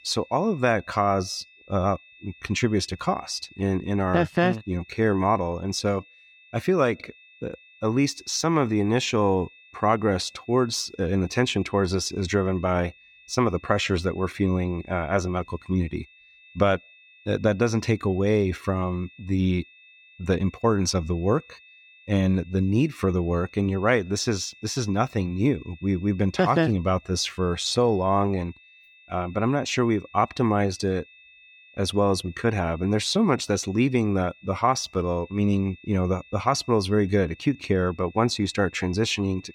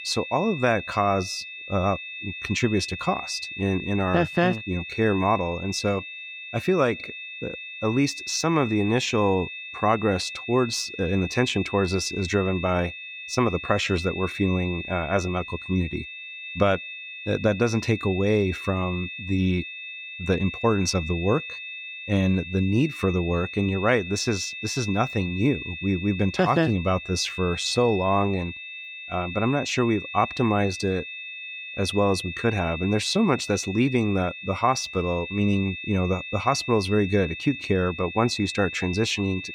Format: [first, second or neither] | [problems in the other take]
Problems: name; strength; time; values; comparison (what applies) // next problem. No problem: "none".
first | high-pitched whine; loud; throughout; 2.5 kHz, 9 dB below the speech; faint in the first